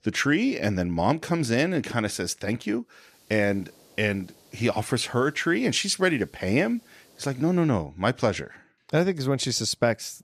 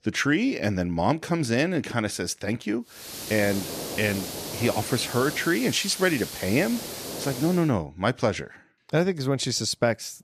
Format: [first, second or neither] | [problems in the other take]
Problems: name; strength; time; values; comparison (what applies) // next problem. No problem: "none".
first | hiss; loud; from 3 to 7.5 s; 8 dB below the speech; faint in the first